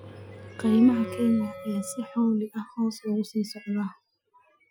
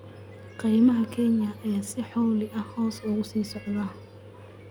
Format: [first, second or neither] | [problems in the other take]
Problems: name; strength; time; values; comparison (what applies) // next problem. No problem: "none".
second | noise reduction (classical method Wiener filter)